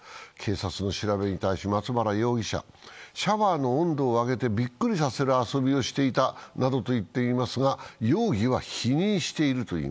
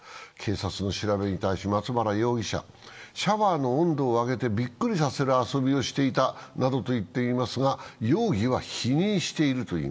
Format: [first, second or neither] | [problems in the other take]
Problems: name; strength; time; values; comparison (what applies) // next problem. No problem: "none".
first | room echo; dies away in 0.4 s